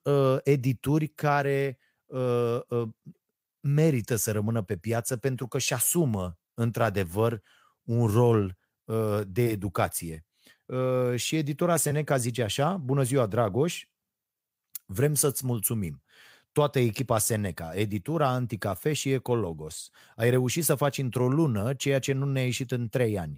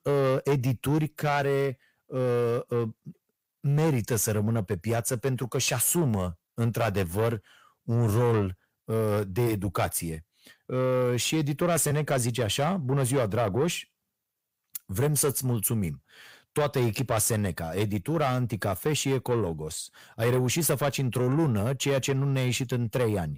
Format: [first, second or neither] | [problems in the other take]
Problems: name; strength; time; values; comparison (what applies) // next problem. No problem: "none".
first | distortion; slight; 10 dB below the speech